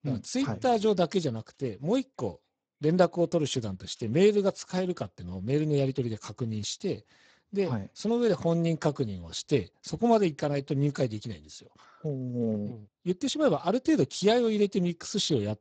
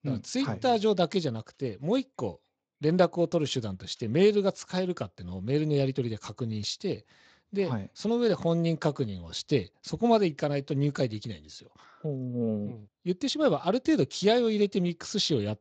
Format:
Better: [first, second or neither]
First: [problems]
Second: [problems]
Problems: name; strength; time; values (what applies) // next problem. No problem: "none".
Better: second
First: garbled, watery; badly; nothing above 8 kHz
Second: garbled, watery; slightly; nothing above 7.5 kHz